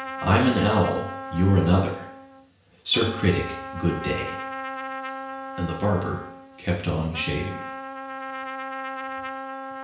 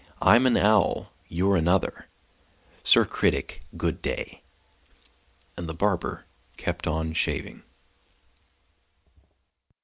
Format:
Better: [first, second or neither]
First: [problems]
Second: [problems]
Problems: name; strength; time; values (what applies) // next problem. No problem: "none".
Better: second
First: background sound (Trumpet); 9 dB below the speech // room echo; dies away in 0.5 s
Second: none